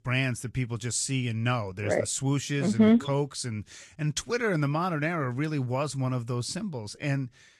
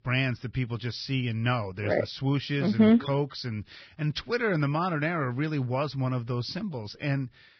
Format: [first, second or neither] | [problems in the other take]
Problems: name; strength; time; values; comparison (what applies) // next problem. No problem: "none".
first | garbled, watery; badly; nothing above 5.5 kHz; slightly in the first